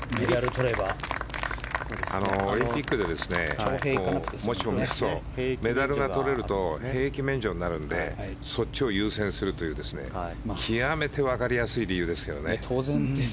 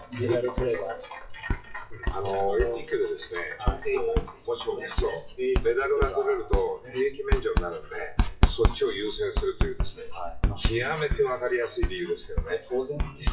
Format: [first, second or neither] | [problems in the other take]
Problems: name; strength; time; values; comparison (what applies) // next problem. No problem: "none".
first | noise reduction (classical method WPE with log-MMSE)